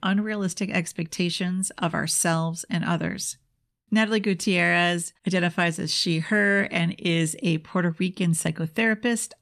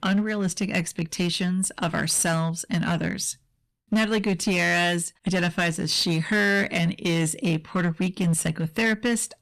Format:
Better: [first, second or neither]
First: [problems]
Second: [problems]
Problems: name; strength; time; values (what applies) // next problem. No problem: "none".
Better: first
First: none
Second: distortion; slight; 10% of the sound clipped